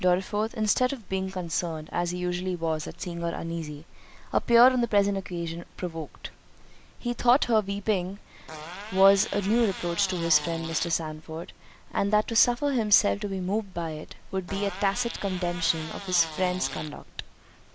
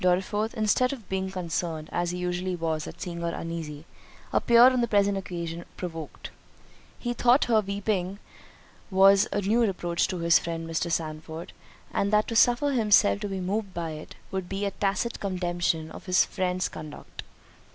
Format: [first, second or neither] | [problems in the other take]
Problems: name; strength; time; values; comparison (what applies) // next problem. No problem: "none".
second | background sound (Fart); 12 dB below the speech